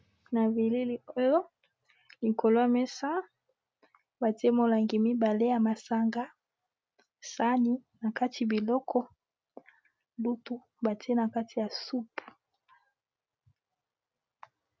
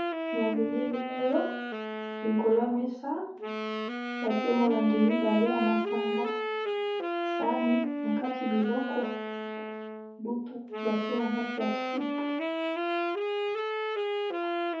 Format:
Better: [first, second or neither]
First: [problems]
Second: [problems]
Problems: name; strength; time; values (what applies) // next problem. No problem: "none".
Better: first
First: none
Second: background sound (Wind instrument, woodwind instrument); 1 dB below the speech // room echo; dies away in 0.6 s